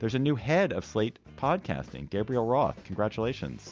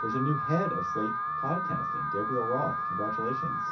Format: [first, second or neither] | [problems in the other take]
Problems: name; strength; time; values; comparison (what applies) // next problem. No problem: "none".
first | background sound (Alarm); 1 dB above the speech // room echo; dies away in 0.3 s